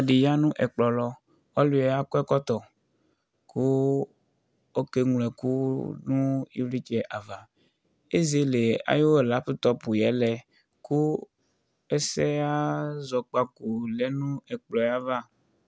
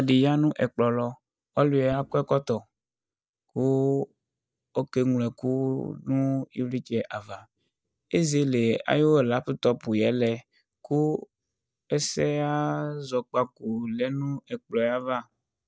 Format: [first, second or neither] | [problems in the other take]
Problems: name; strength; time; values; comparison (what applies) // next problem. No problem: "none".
first | noise reduction (neural mask model DeepFilterNet 3)